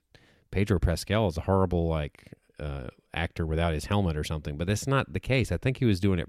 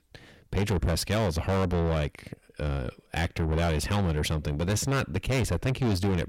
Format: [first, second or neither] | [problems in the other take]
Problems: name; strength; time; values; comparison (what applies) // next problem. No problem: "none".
first | distortion; heavy; 6 dB below the speech